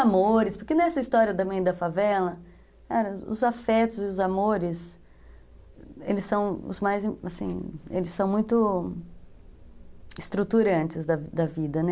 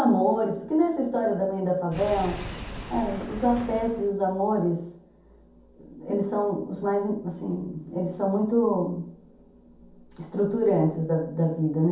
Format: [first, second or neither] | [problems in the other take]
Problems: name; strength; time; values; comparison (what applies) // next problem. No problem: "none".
first | background sound (Engine / Car); 10 dB below the speech // room echo; dies away in 0.6 s